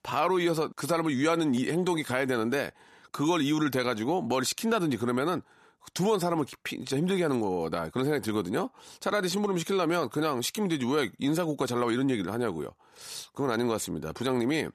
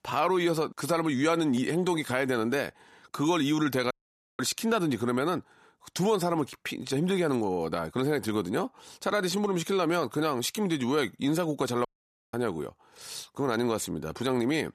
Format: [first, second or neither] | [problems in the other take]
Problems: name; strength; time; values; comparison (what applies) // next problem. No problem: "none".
first | audio cutting out; at 4 s and at 12 s